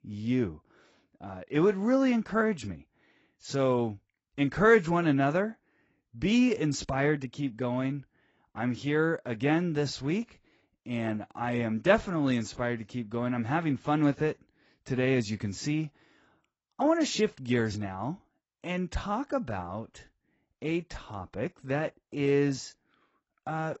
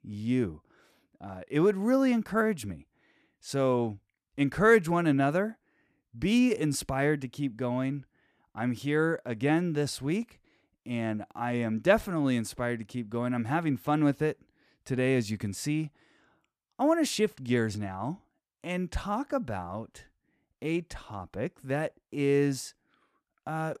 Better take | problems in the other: second | garbled, watery; badly; nothing above 7.5 kHz

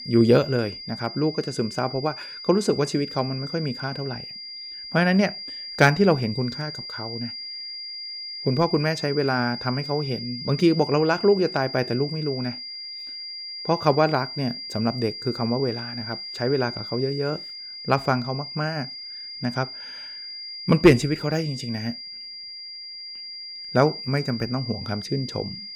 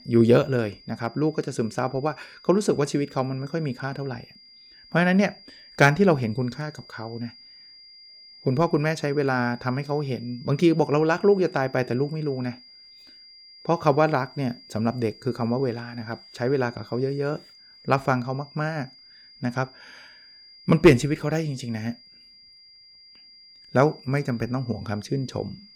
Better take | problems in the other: second | high-pitched whine; loud; throughout; 5 kHz, 9 dB below the speech; faint in the second

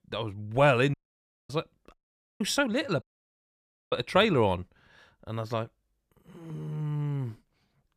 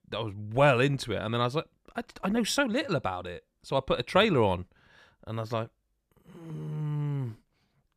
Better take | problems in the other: second | audio cutting out; at 1 s for 0.5 s, at 2 s and at 3 s for 1 s

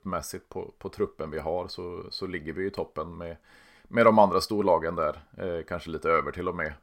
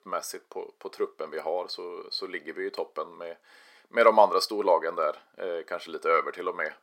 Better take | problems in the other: first | thin; somewhat; fading below 350 Hz

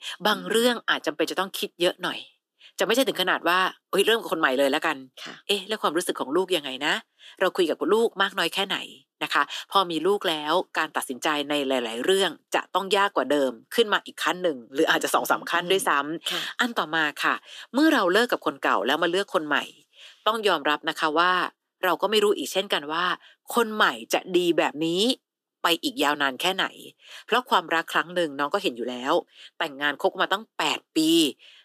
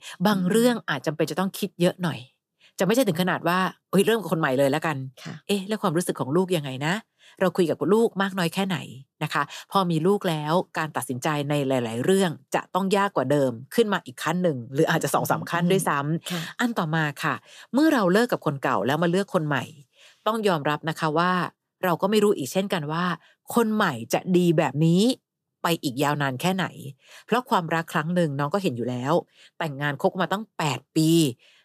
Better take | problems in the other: second | thin; somewhat; fading below 300 Hz

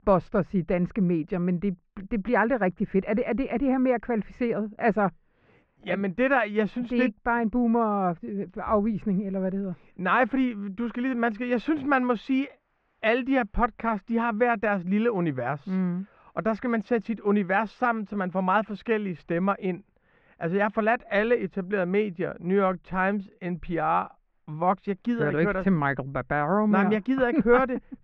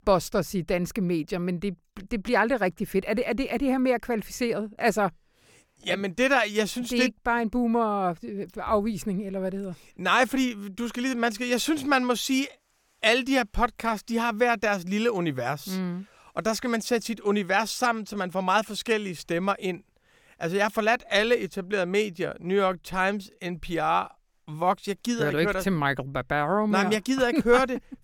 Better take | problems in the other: second | muffled; very; fading above 2 kHz

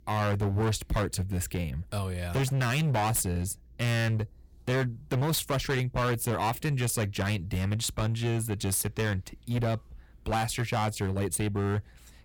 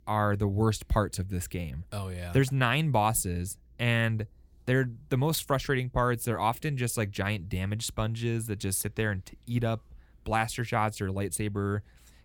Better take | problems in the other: second | distortion; heavy; 16% of the sound clipped

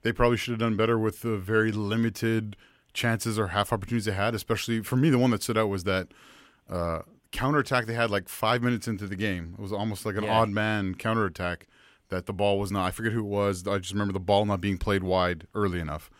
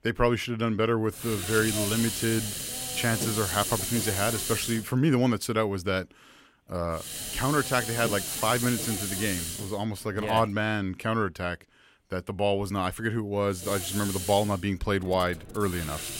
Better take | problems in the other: first | hiss; loud; from 1 to 5 s, from 7 to 10 s and from 14 s on; 3 dB below the speech

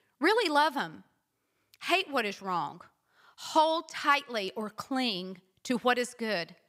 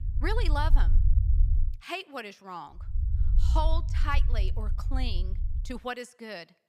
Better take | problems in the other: first | low rumble; noticeable; until 1.5 s and from 3 to 6 s; 15 dB below the speech

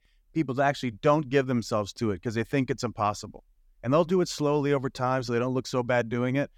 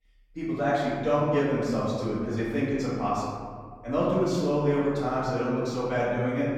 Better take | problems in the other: first | off-mic speech; far // room echo; strong; dies away in 1.6 s

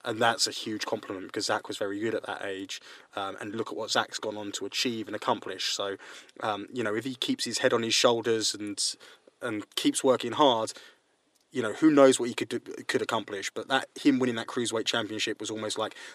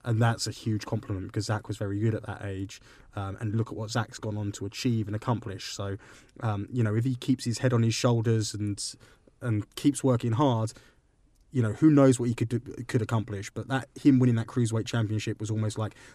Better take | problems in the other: second | thin; somewhat; fading below 450 Hz

